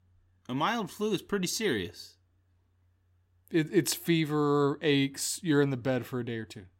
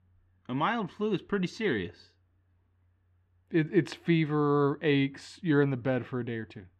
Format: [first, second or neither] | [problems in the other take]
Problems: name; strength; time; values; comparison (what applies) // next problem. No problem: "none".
first | muffled; slightly; fading above 2.5 kHz